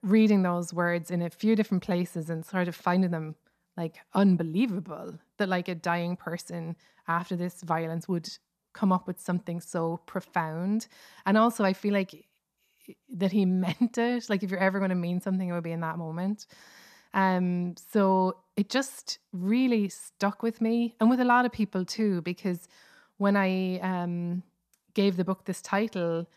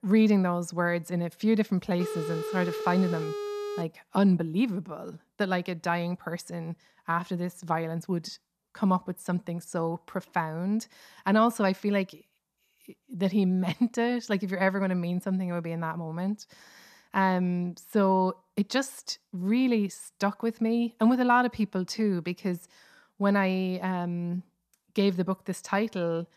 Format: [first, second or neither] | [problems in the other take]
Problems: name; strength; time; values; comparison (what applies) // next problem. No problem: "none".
first | phone ringing; noticeable; from 2 to 4 s; peak 6 dB below the speech